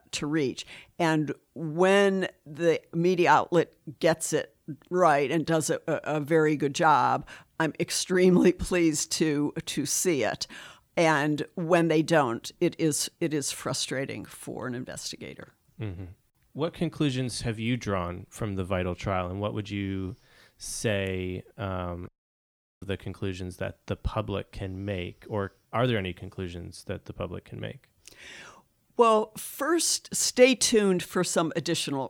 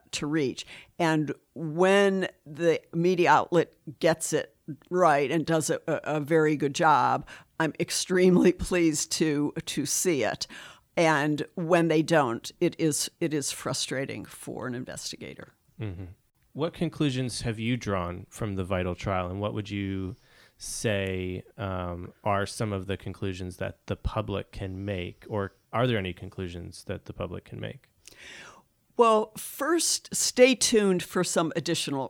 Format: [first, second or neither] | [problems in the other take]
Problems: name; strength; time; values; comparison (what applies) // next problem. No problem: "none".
second | audio cutting out; at 22 s for 0.5 s